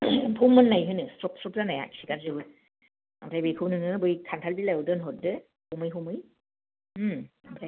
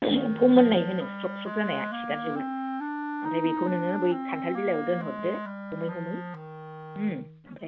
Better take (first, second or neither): first